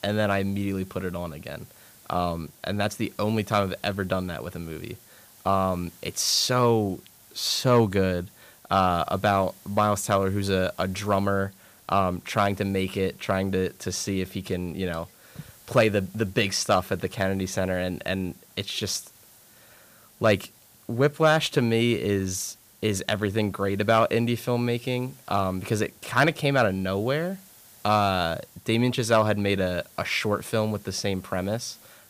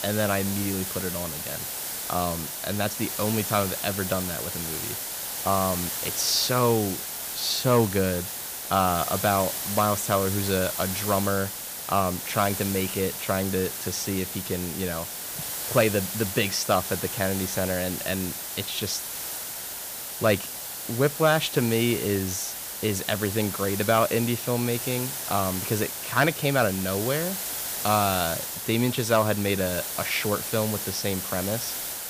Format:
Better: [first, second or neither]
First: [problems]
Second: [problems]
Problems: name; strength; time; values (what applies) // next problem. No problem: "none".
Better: first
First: hiss; faint; throughout; 25 dB below the speech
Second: hiss; loud; throughout; 4 dB below the speech